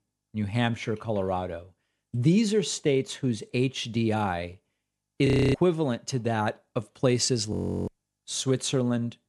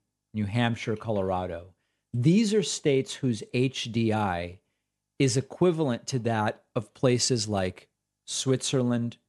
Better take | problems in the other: second | audio freezing; at 5.5 s and at 7.5 s

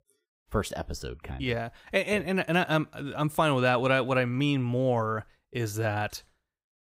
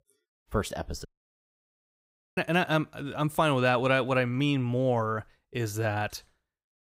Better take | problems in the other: first | audio cutting out; at 1 s for 1.5 s

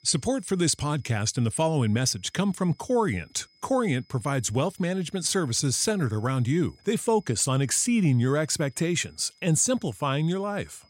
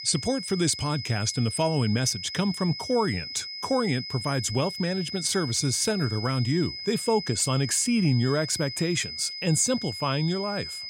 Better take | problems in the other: first | high-pitched whine; loud; throughout; 5 kHz, 8 dB below the speech; faint in the first

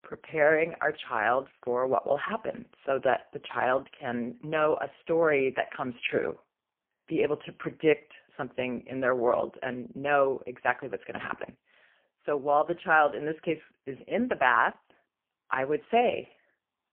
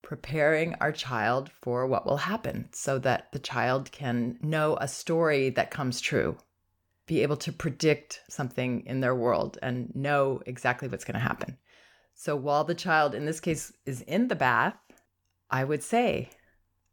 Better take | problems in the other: second | phone-call audio; poor line

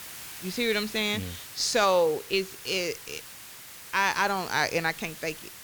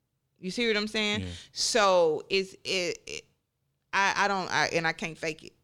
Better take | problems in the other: second | hiss; noticeable; throughout; 15 dB below the speech

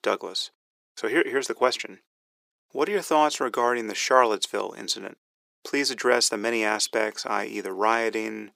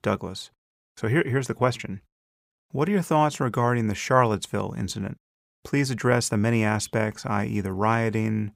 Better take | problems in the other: second | thin; somewhat; fading below 350 Hz

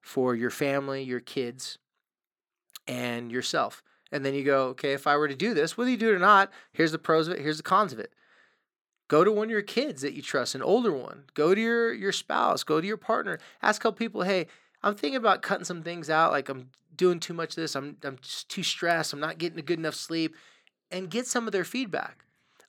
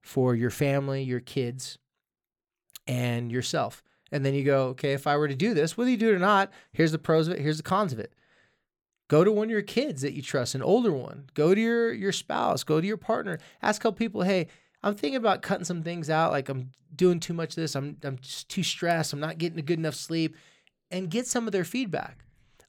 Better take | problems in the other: second | thin; very slightly; fading below 250 Hz

